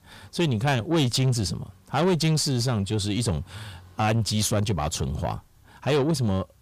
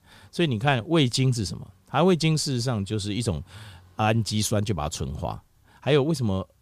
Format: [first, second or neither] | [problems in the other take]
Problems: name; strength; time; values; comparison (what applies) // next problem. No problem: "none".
second | distortion; slight; 10 dB below the speech